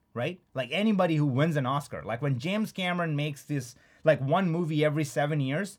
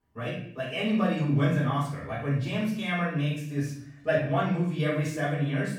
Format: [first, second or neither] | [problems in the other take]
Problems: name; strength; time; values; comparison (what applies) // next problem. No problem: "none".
first | off-mic speech; far // room echo; noticeable; dies away in 0.6 s